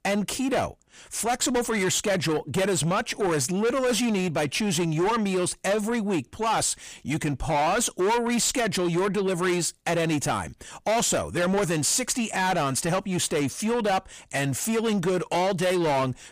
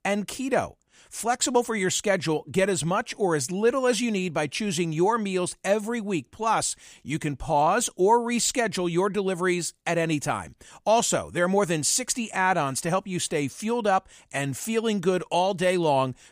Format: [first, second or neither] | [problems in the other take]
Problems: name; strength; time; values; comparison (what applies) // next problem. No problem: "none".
second | distortion; heavy; 7 dB below the speech